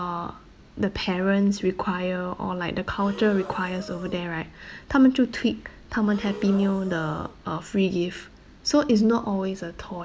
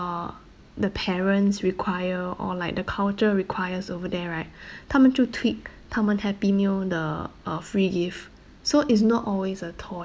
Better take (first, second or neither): second